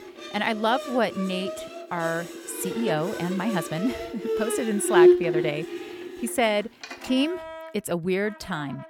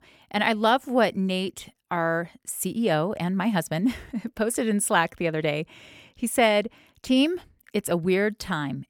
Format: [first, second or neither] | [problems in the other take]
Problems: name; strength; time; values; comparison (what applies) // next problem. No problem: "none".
second | background music; very loud; throughout; as loud as the speech